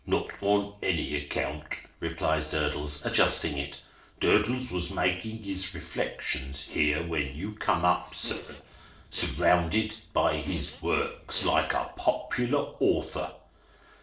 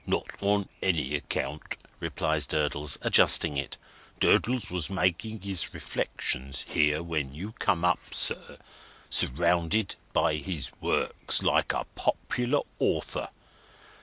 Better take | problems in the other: second | noise reduction (neural separator model SepFormer DNS4)

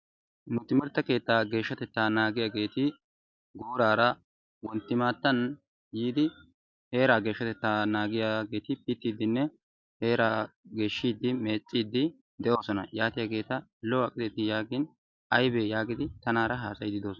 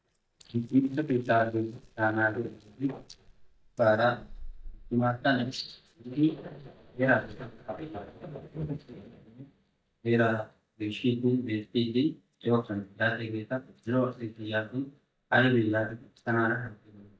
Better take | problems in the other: first | noise reduction (neural mask model DeepFilterNet 3)

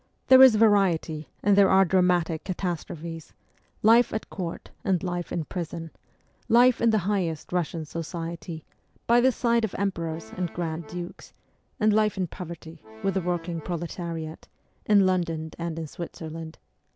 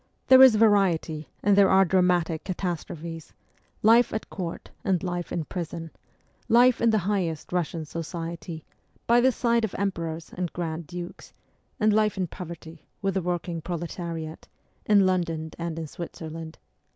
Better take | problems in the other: second | background sound (Accordion); 19 dB below the speech

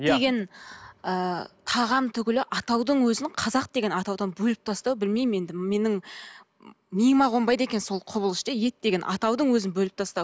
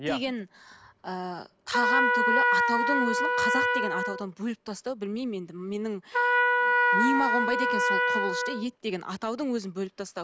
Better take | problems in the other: first | background sound (Trumpet); 5 dB above the speech

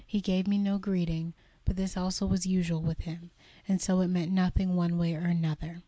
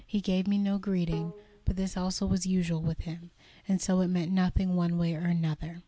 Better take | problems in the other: first | background sound (Bowed string instrument); 20 dB below the speech

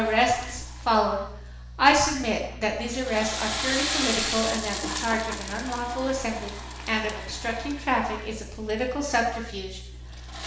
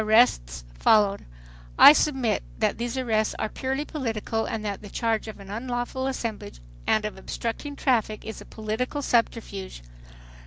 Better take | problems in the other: second | background sound (Toilet flush / Water); 9 dB below the speech // room echo; dies away in 0.9 s

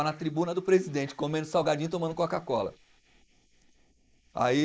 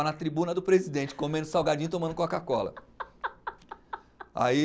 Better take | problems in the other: second | noise reduction (neural mask model Resemble Enhance denoiser)

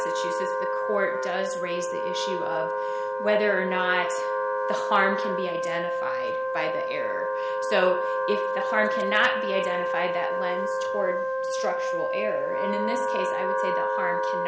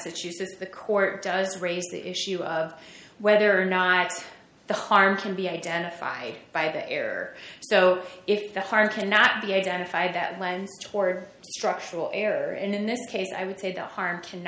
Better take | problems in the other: second | background sound (Wind instrument, woodwind instrument); 2 dB above the speech

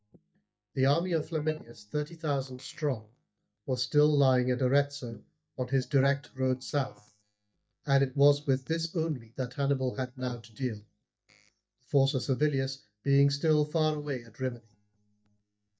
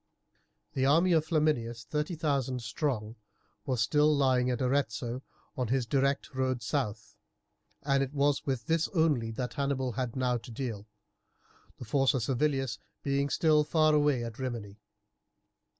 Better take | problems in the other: second | noise reduction (neural mask model DeepFilterNet 3)

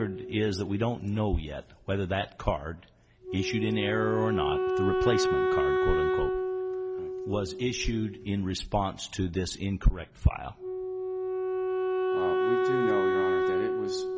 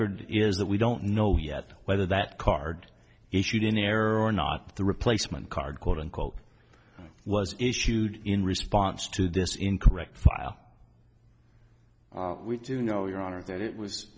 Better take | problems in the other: second | background sound (Wind instrument, woodwind instrument); 1 dB above the speech

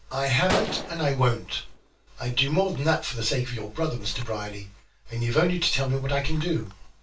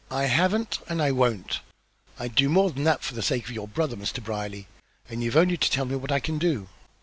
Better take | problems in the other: second | background sound (Gunshot, gunfire); 12 dB below the speech // room echo; dies away in 0.2 s

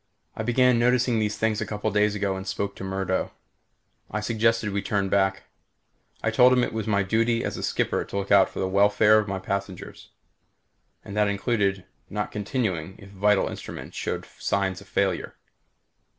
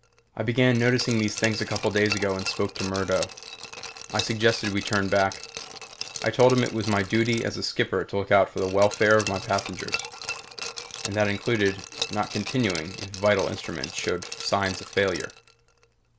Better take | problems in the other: first | background sound (Glass); 11 dB below the speech

